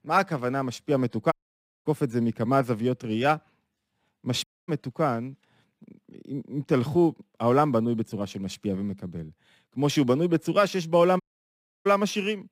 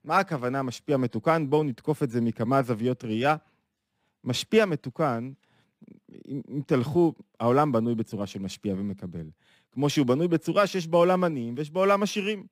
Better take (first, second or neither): second